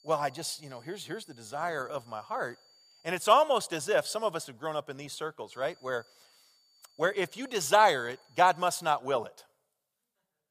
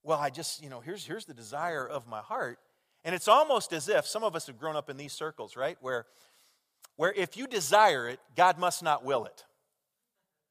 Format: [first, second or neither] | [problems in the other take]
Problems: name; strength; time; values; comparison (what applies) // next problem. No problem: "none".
second | high-pitched whine; faint; until 3 s and from 5.5 to 9 s; 4.5 kHz, 30 dB below the speech